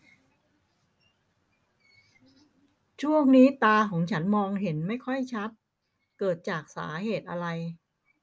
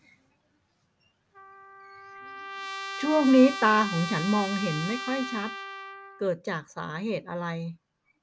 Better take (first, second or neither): first